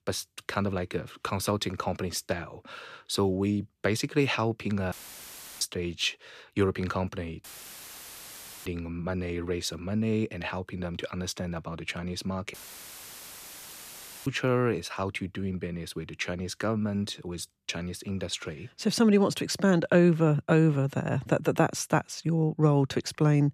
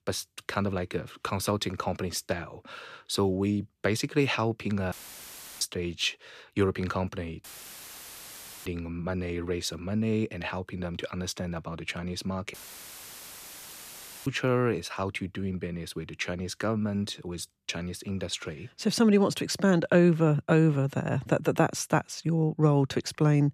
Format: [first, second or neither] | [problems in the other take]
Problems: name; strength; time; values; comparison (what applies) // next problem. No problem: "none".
neither | audio cutting out; filled with static; at 5 s for 0.5 s, at 7.5 s for 1 s and at 13 s for 1.5 s; the same in both